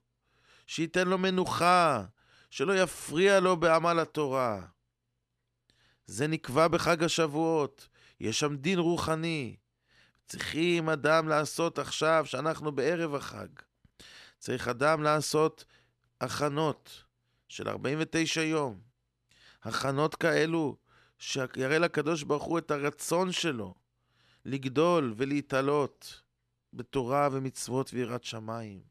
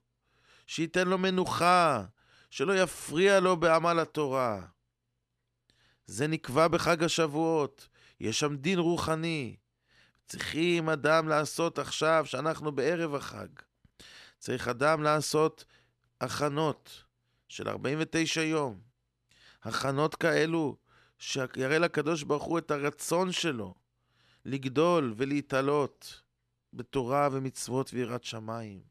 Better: neither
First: none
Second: none

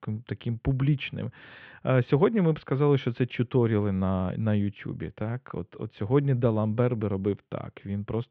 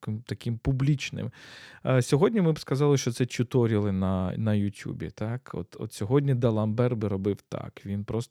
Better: second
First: muffled; very; fading above 3 kHz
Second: none

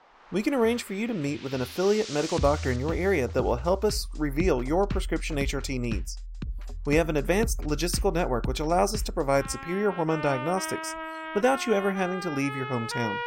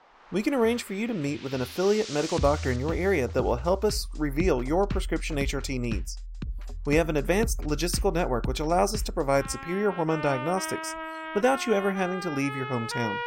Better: neither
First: background music; loud; throughout; 8 dB below the speech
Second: background music; loud; throughout; 8 dB below the speech

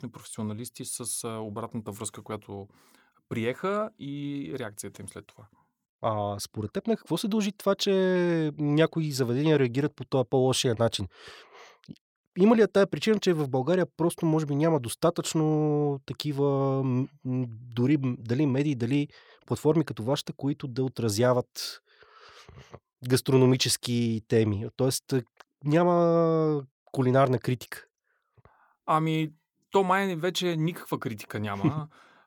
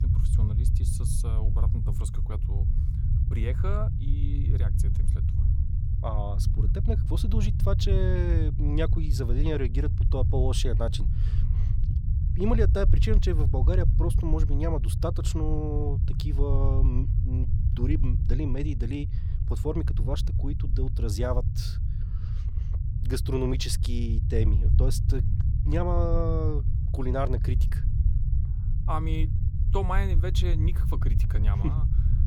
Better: first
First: none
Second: low rumble; loud; throughout; 8 dB below the speech

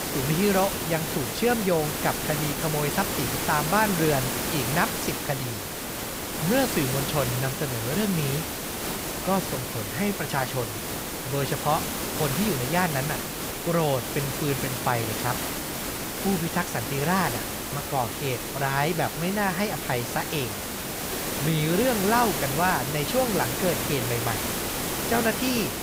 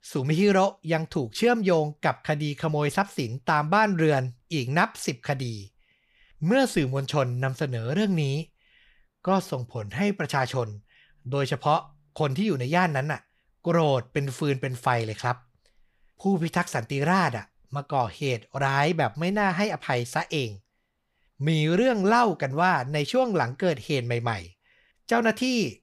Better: second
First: hiss; loud; throughout; 1 dB below the speech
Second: none

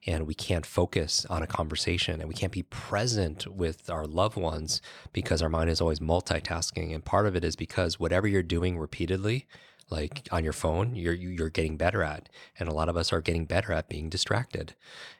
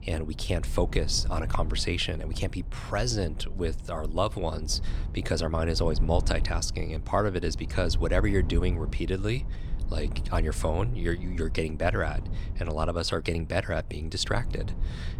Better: first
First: none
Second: low rumble; noticeable; throughout; 20 dB below the speech

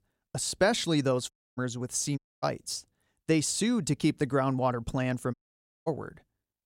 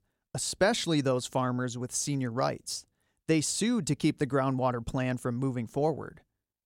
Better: second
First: audio cutting out; at 1.5 s, at 2 s and at 5.5 s for 0.5 s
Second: none

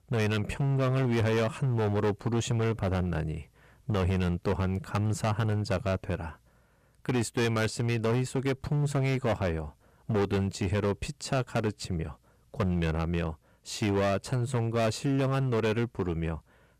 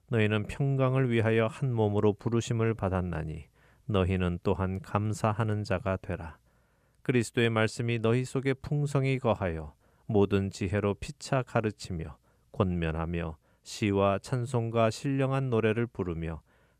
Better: second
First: distortion; heavy; 14% of the sound clipped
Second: none

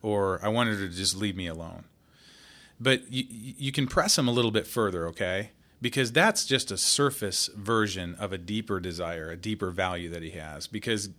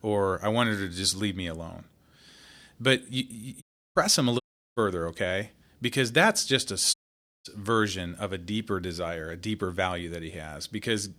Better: first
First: none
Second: audio cutting out; at 3.5 s, at 4.5 s and at 7 s for 0.5 s

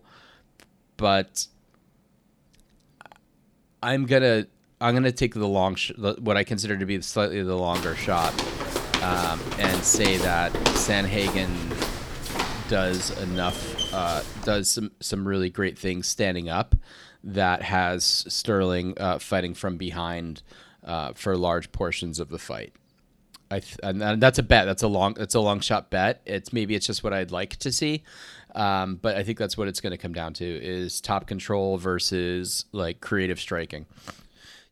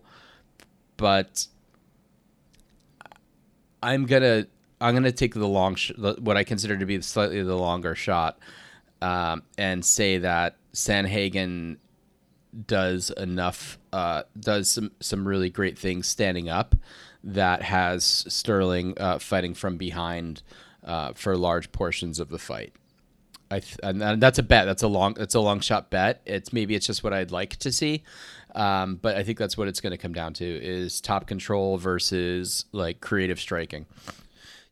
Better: second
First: footsteps; loud; from 8 to 15 s; peak 2 dB above the speech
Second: none

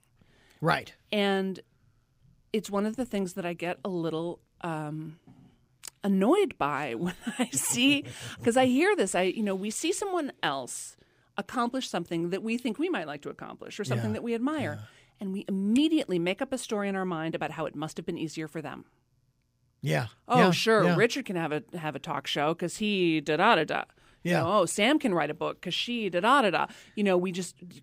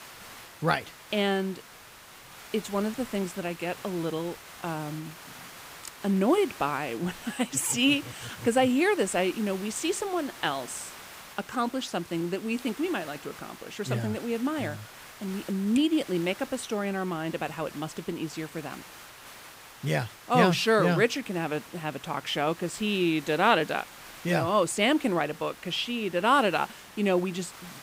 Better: first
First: none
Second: hiss; noticeable; throughout; 15 dB below the speech

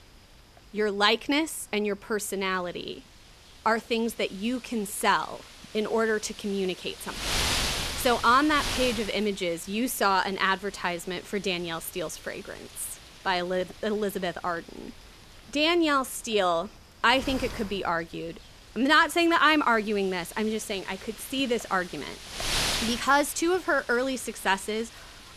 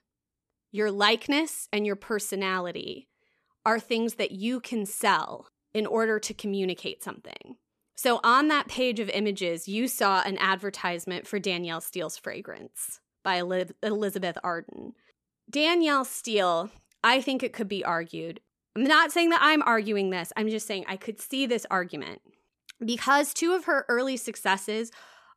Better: second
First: wind noise on the microphone; heavy; 9 dB below the speech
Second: none

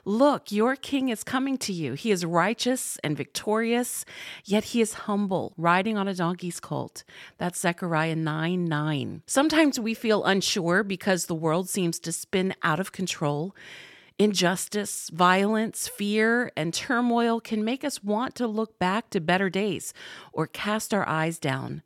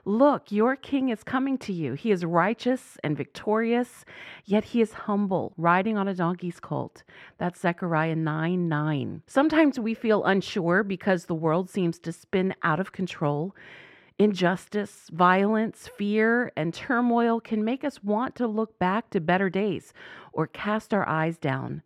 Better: first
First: none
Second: muffled; very; fading above 3.5 kHz

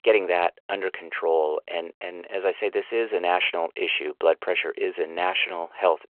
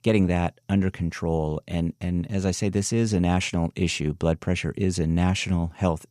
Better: second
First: phone-call audio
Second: none

